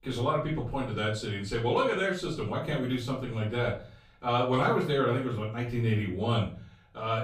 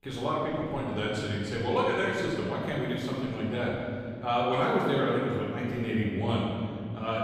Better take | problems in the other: first | room echo; strong; dies away in 2.9 s; slight in the first // off-mic speech; far; far in the first

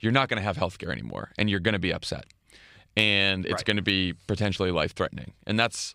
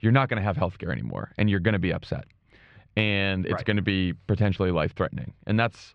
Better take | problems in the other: first | muffled; slightly; fading above 2 kHz

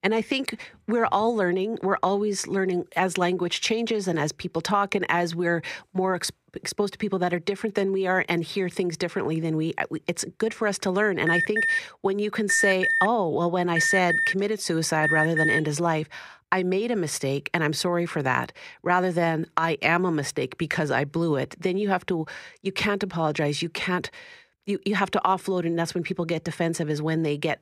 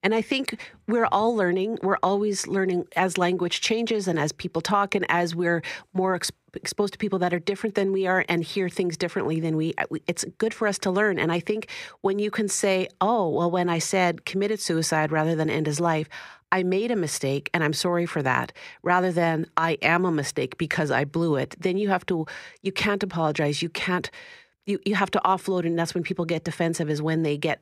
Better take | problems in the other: second | alarm; loud; from 11 to 16 s; peak 4 dB above the speech

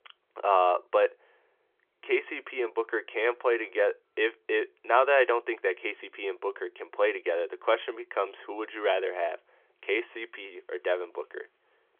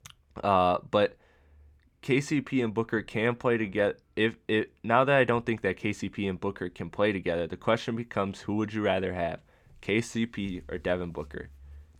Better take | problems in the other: second | phone-call audio; nothing above 3.5 kHz

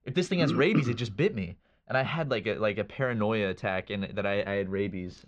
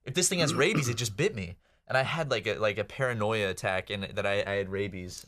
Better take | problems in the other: second | muffled; slightly; fading above 4 kHz

